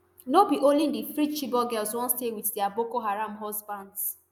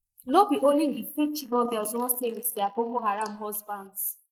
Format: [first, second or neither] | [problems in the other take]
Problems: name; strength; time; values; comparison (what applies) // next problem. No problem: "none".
first | noise reduction (neural mask model Resemble Enhance denoiser)